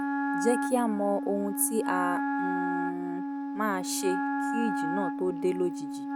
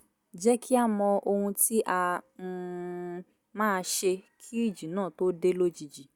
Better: second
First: background sound (Wind instrument, woodwind instrument); as loud as the speech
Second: none

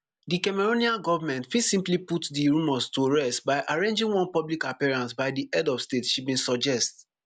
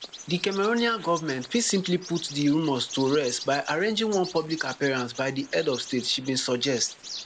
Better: first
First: none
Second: noise reduction (neural mask model Resemble Enhance denoiser)

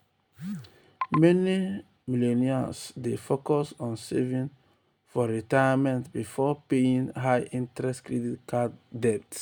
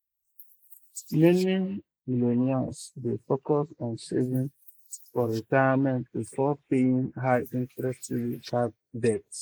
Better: first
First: none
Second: noise reduction (neural mask model Resemble Enhance denoiser)

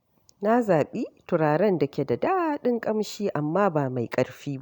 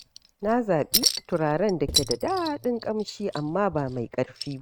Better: first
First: none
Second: noise reduction (neural mask model RNNoise)

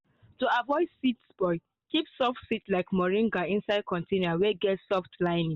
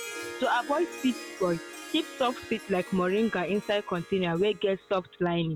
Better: first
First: none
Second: background sound (Harp); 14 dB below the speech

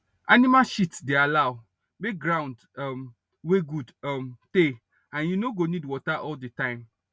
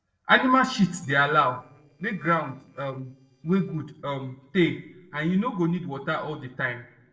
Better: first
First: none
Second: noise reduction (neural separator model SepFormer DNS4)

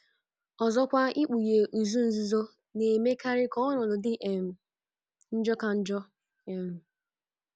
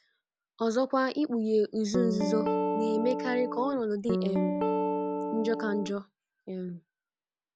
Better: first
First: none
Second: background sound (Guitar); as loud as the speech

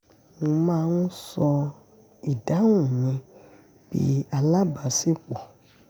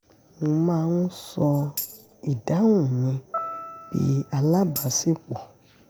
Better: first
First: none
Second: background sound (Piano + Tambourine); 12 dB below the speech

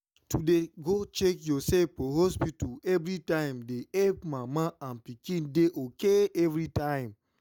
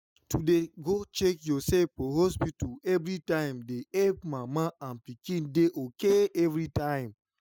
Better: first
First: none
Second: noise reduction (classical method spectral subtraction)

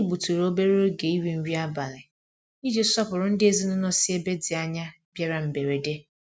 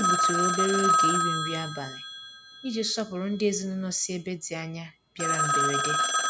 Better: first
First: none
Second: background sound (Telephone); 3 dB above the speech

